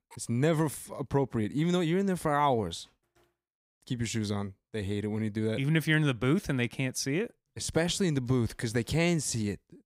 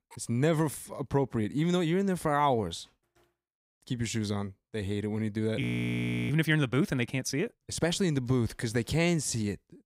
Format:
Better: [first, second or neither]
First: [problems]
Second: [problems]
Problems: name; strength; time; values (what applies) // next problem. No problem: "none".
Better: first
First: none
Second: audio freezing; at 5.5 s for 0.5 s